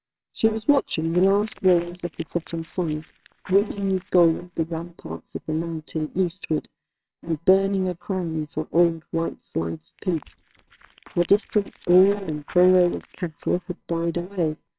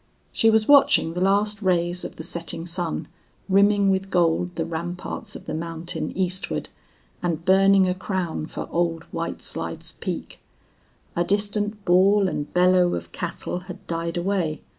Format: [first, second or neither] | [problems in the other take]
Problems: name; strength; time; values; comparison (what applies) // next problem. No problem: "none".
second | noise reduction (neural separator model SepFormer WHAMR!)